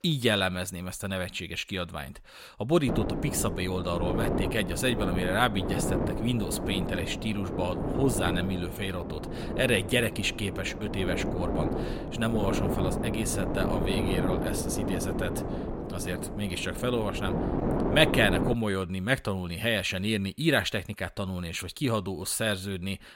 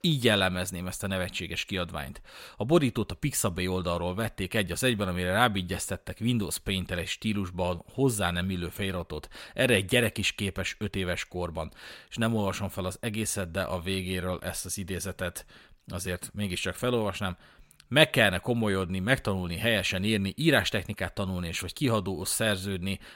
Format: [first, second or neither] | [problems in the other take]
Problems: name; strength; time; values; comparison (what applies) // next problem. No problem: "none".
second | wind noise on the microphone; heavy; from 3 to 19 s; 5 dB below the speech